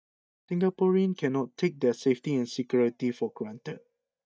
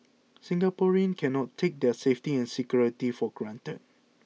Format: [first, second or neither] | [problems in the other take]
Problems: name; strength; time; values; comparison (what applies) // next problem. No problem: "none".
second | noise reduction (neural mask model DeepFilterNet 3)